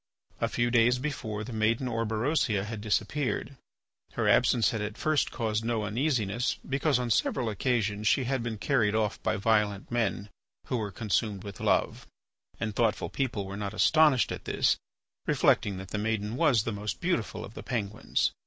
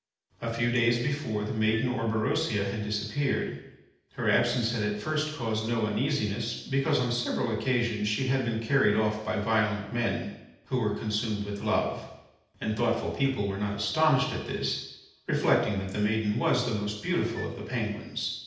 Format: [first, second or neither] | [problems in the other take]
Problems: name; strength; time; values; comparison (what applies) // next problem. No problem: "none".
first | background sound (Wind instrument, woodwind instrument); 19 dB below the speech // room echo; dies away in 0.8 s